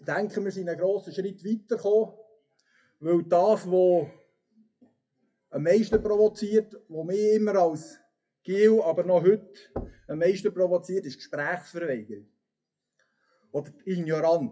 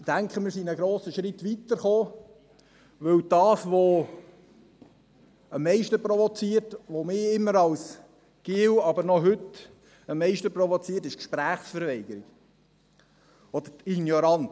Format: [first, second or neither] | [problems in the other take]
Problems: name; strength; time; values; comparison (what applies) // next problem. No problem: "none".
second | noise reduction (classical method WPE with log-MMSE)